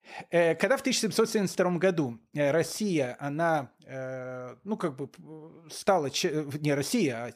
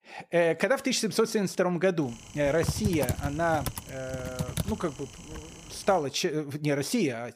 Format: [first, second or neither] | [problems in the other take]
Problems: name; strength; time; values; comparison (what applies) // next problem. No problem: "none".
first | keyboard typing; noticeable; from 2.5 to 5.5 s; peak 3 dB below the speech